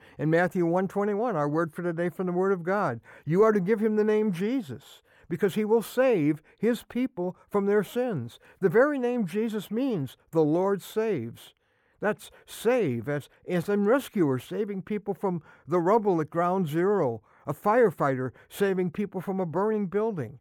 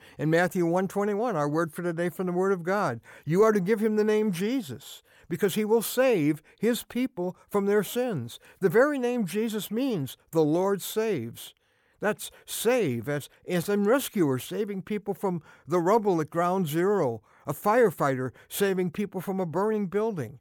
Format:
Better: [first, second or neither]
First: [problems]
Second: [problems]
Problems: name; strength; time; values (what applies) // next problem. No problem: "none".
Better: second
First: muffled; slightly; fading above 3 kHz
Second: none